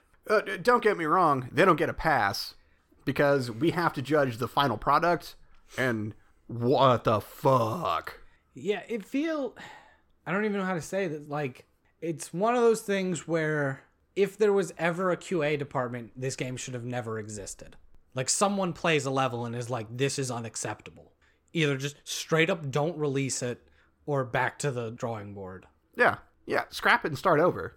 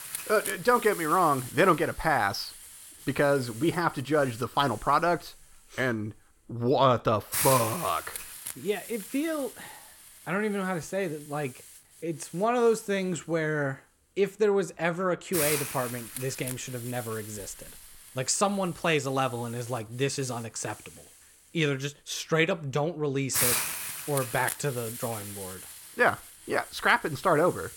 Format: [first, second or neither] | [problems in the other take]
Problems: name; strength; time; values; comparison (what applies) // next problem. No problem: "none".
first | hiss; loud; throughout; 7 dB below the speech